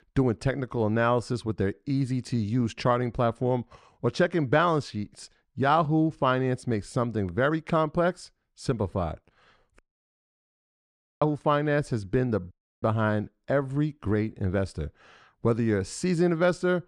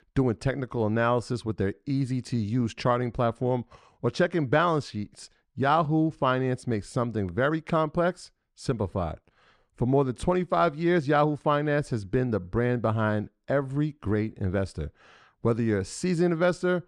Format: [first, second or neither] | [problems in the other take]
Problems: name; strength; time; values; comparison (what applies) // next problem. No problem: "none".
second | audio cutting out; at 10 s for 1.5 s and at 13 s